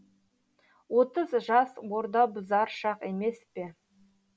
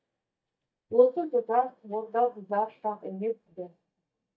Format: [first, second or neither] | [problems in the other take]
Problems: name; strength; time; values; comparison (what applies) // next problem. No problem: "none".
first | noise reduction (neural mask model DeepFilterNet 3)